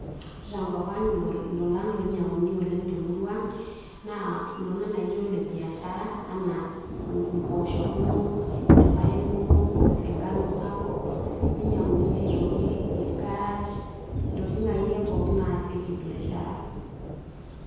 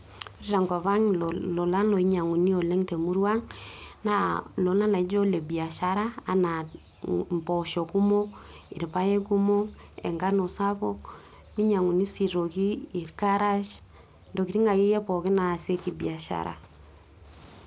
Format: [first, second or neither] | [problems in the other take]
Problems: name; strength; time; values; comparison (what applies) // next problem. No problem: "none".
second | background sound (Thunder / Rain); 3 dB above the speech // room echo; dies away in 1.2 s